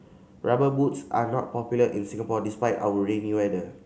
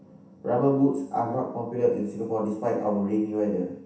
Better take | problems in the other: first | room echo; dies away in 0.7 s

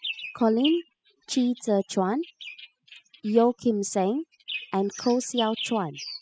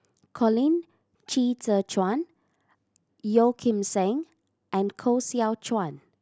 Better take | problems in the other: second | noise reduction (classical method spectral subtraction)

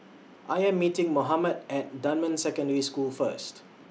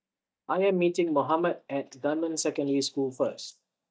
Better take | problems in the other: first | noise reduction (neural mask model DeepFilterNet 3)

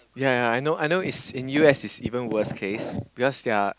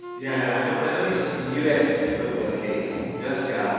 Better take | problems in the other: first | background sound (Wind instrument, woodwind instrument); 14 dB below the speech // room echo; dies away in 2.1 s

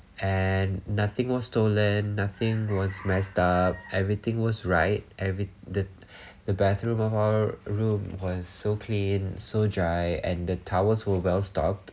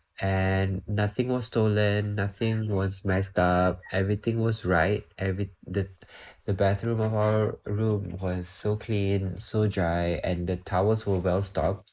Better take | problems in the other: first | noise reduction (neural mask model Resemble Enhance denoiser)

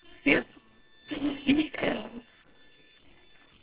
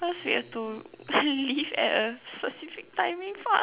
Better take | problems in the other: second | noise reduction (neural separator model SepFormer WHAMR!)

